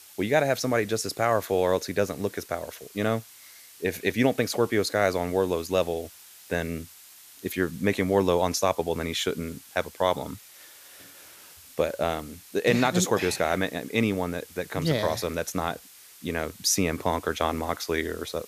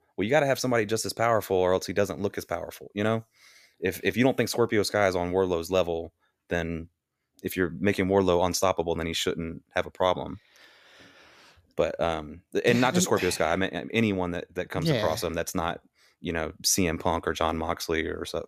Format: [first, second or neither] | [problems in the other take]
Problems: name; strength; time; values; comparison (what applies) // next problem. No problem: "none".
second | hiss; faint; throughout; 20 dB below the speech